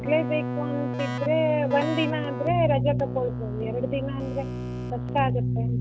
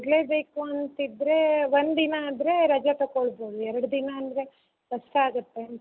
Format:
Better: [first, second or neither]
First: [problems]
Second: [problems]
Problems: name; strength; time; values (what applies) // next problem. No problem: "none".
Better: second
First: background sound (Keyboard (musical)); 1 dB below the speech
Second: none